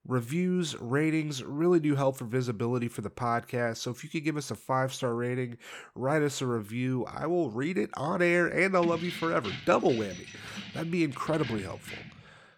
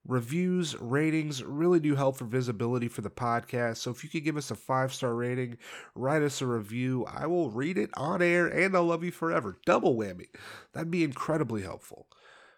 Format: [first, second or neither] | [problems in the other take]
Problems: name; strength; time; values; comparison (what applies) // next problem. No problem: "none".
second | jangling keys; noticeable; from 9 s on; peak 8 dB below the speech